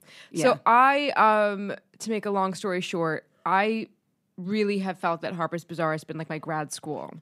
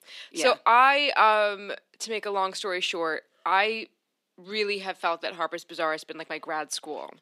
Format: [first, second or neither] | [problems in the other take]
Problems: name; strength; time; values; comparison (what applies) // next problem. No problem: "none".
first | thin; somewhat; fading below 350 Hz